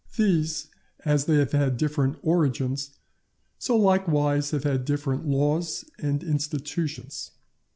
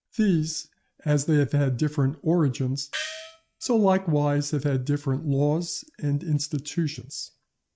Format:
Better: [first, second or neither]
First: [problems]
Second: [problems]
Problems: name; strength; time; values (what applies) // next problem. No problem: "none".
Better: first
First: none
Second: noise reduction (neural mask model RNNoise)